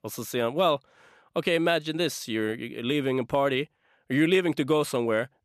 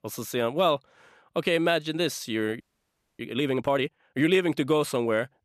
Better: first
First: none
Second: audio freezing; at 2.5 s for 0.5 s

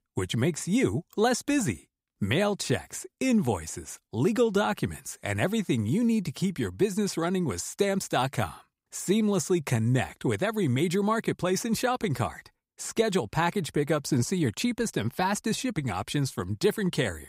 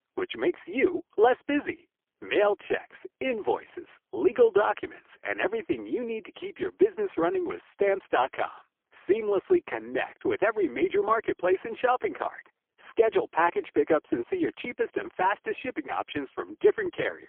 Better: first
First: none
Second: phone-call audio; poor line; nothing above 3.5 kHz

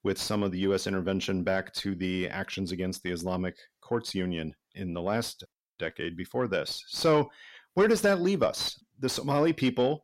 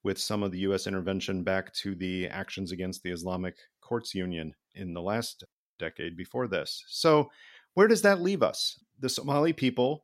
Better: second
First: distortion; slight; 10 dB below the speech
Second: none

